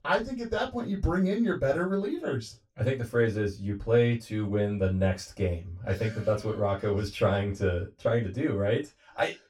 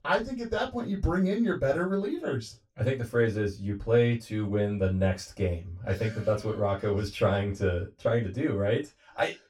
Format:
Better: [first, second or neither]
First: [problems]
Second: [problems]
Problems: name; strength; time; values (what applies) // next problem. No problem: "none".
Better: neither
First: room echo; very slight; dies away in 0.2 s // off-mic speech; far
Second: room echo; very slight; dies away in 0.2 s // off-mic speech; far